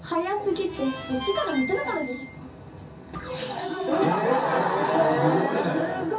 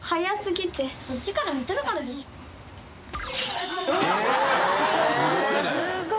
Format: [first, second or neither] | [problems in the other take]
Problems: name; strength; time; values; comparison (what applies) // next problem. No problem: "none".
second | background sound (Harmonica); 11 dB below the speech // room echo; dies away in 0.3 s